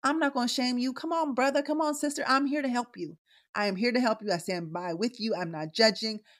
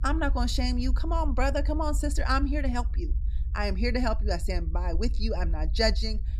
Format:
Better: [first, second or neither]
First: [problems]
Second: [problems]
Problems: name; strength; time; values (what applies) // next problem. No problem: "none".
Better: first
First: none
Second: low rumble; faint; throughout; 20 dB below the speech